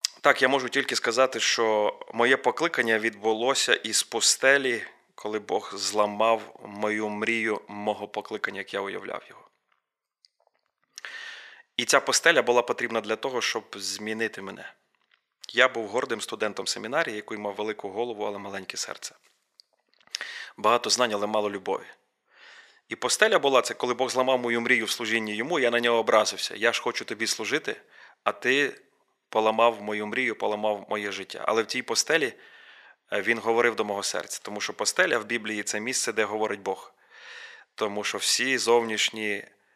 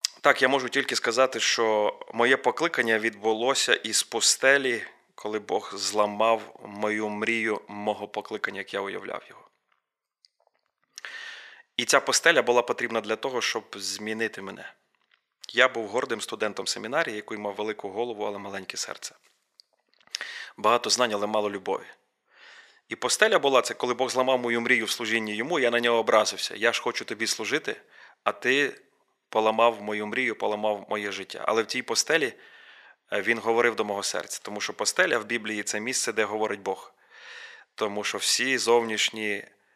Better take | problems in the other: neither | thin; very; fading below 500 Hz; the same in both

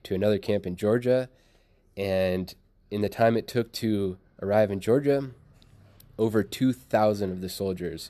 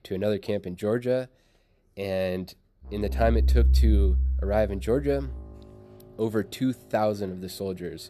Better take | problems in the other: first | background music; very loud; from 3.5 s on; 2 dB above the speech

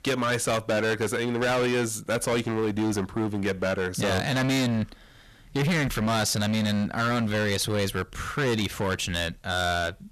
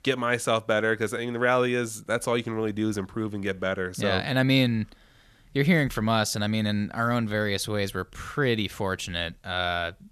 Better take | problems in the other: second | distortion; heavy; 21% of the sound clipped

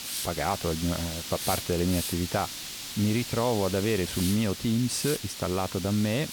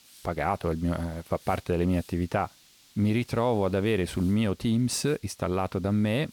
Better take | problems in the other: second | hiss; loud; throughout; 5 dB below the speech; faint in the second

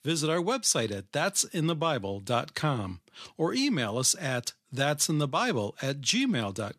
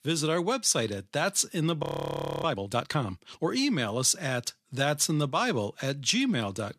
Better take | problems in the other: first | audio freezing; at 2 s for 0.5 s

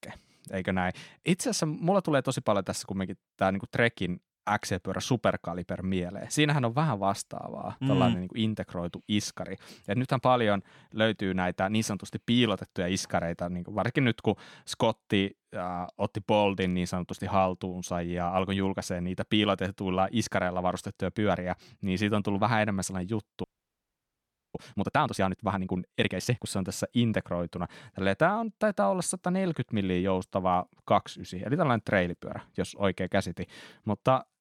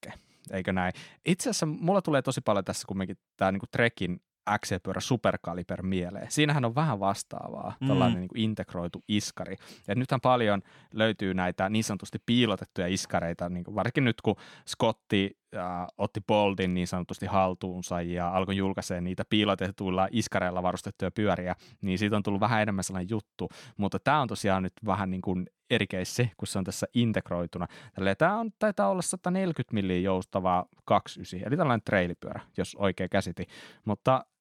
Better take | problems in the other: second | audio freezing; at 23 s for 1 s

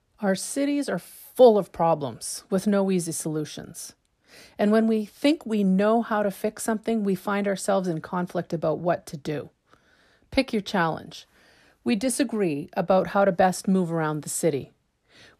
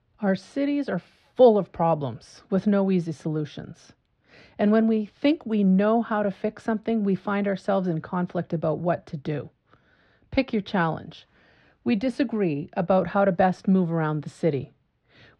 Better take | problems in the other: first | muffled; slightly; fading above 3.5 kHz

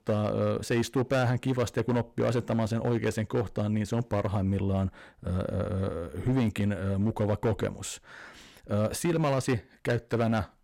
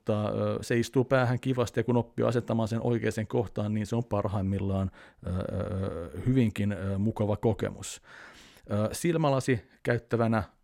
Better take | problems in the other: second | distortion; slight; 8% of the sound clipped

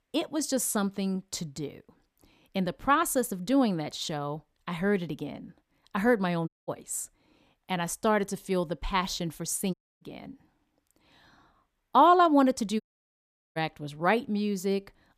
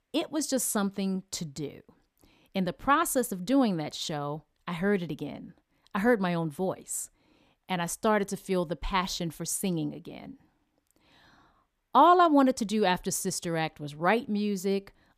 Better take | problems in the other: second | audio cutting out; at 6.5 s, at 9.5 s and at 13 s for 1 s

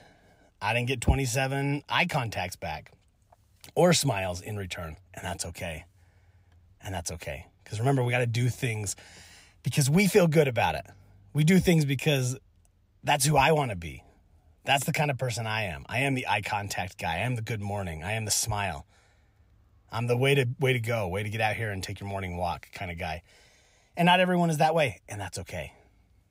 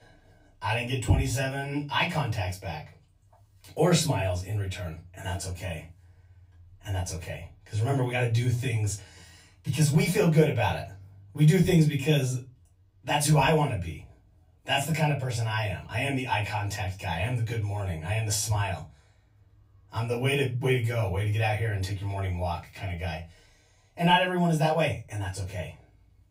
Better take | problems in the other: first | off-mic speech; far // room echo; very slight; dies away in 0.2 s

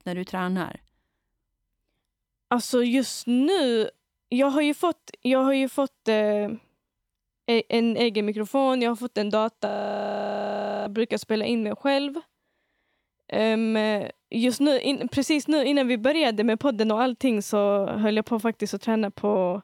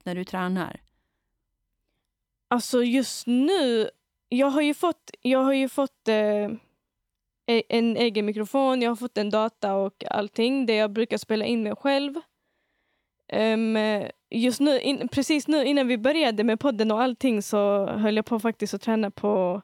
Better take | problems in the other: second | audio freezing; at 9.5 s for 1 s

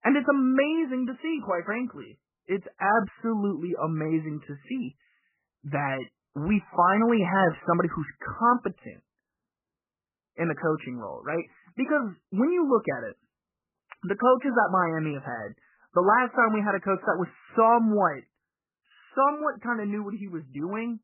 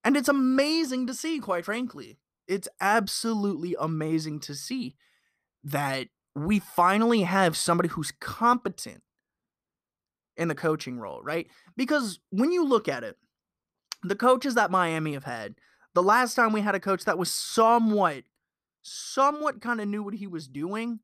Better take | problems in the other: second | garbled, watery; badly; nothing above 3 kHz

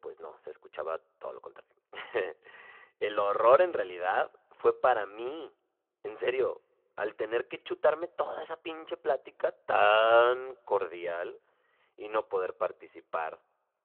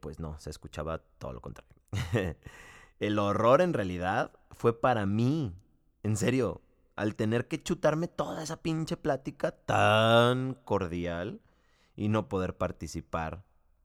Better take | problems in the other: second | phone-call audio

